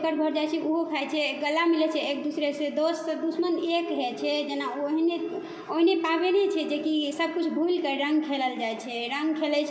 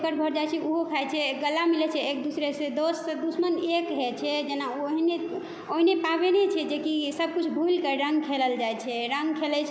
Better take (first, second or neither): second